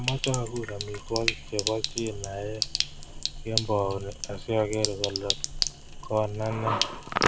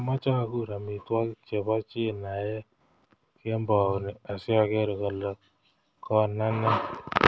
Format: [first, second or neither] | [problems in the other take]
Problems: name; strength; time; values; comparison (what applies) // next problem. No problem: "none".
second | background sound (Sink (filling or washing)); 3 dB below the speech